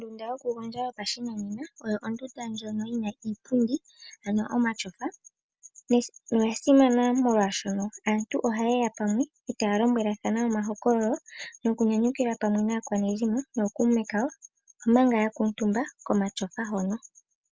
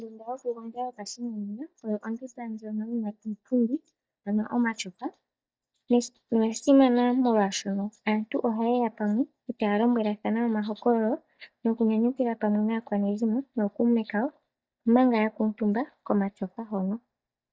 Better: first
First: none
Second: noise reduction (neural mask model DeepFilterNet 3)

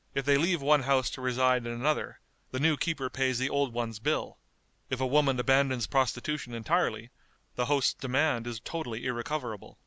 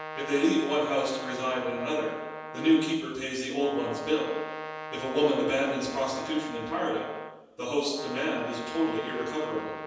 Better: first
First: none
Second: background sound (Brass instrument); 10 dB below the speech // room echo; dies away in 1.1 s

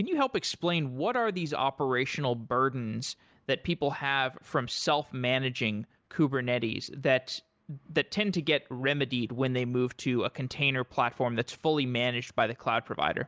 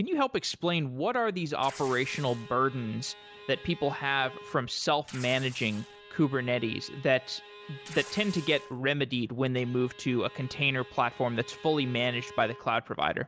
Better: first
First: none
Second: background sound (Bowed string instrument + Tearing); 18 dB below the speech

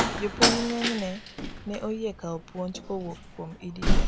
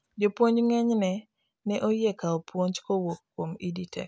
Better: second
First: background sound (Slam); 5 dB above the speech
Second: none

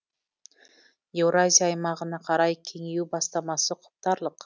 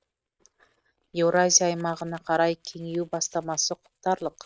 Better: first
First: none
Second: noise reduction (neural mask model RNNoise)

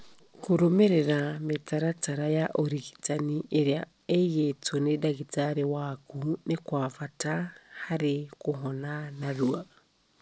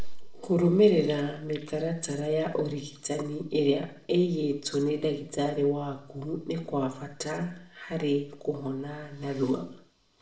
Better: first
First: none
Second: room echo; dies away in 0.6 s

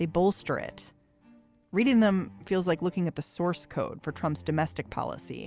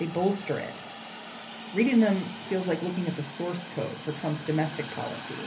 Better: first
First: none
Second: background sound (Hiss); 12 dB below the speech // room echo; dies away in 0.3 s

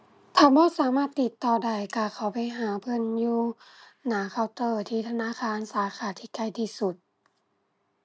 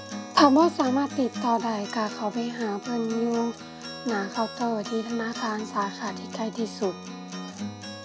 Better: first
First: none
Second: background sound (Acoustic guitar); 11 dB below the speech

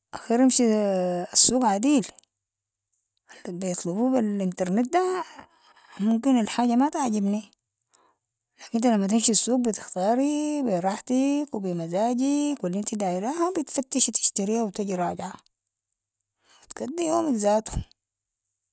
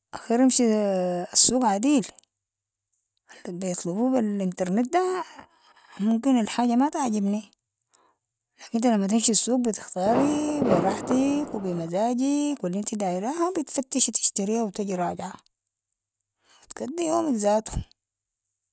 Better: first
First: none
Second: background sound (Fireworks); 3 dB below the speech

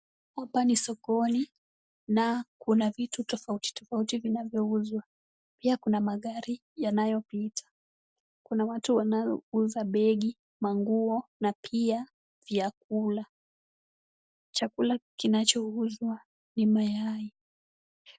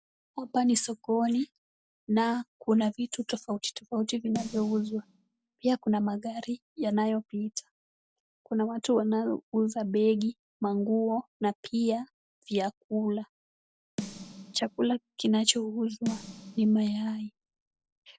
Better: first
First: none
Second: background sound (Snare drum); 14 dB below the speech

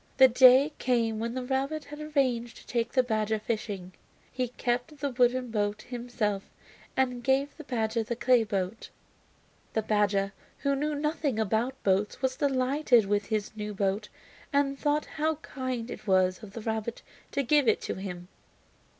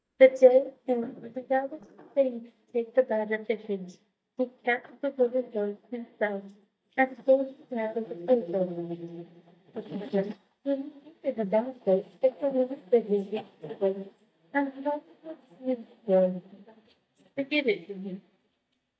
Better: first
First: none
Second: noise reduction (neural mask model DeepFilterNet 3)

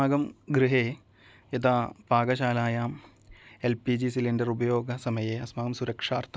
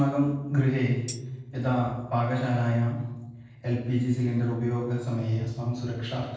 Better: first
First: none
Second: noise reduction (neural separator model SepFormer DNS4)

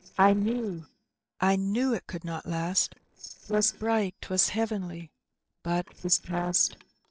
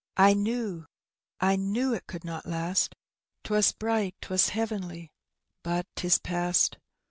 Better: second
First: noise reduction (neural separator model SepFormer DNS4)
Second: none

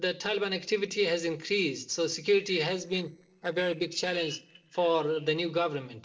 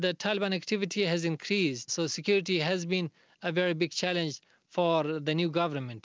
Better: second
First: noise reduction (neural separator model SepFormer DNS4)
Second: none

